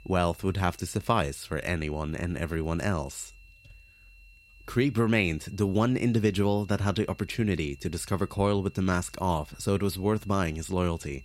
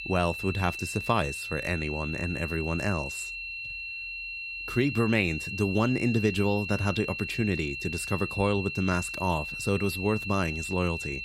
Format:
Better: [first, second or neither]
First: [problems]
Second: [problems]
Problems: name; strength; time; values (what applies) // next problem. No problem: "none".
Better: first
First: high-pitched whine; faint; throughout; 2.5 kHz, 25 dB below the speech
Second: high-pitched whine; loud; throughout; 2.5 kHz, 5 dB below the speech